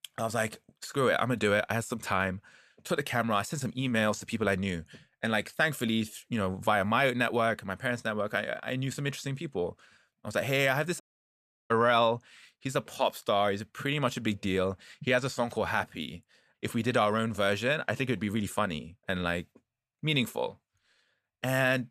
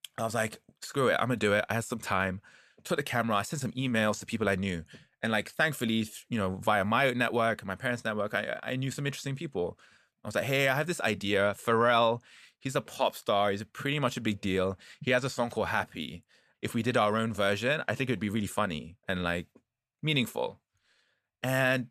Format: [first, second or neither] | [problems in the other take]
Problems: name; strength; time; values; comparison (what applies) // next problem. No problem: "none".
second | audio cutting out; at 11 s for 0.5 s